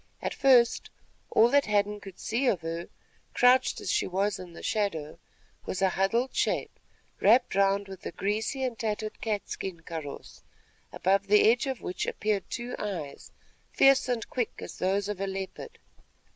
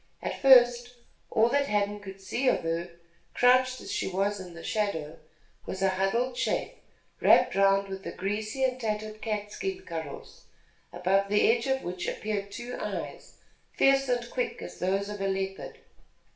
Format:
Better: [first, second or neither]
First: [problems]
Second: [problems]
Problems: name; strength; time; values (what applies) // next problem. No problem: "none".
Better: first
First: none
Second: room echo; dies away in 0.5 s